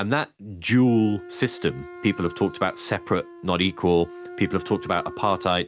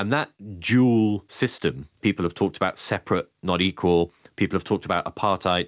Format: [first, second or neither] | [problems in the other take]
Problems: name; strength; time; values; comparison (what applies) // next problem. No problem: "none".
second | background sound (Wind instrument, woodwind instrument); 16 dB below the speech